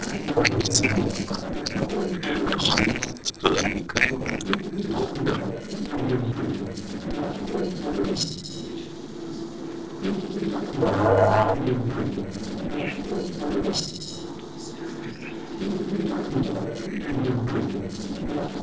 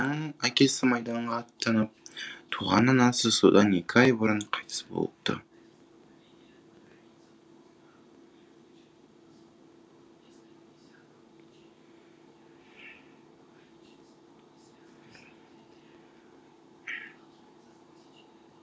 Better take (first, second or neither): second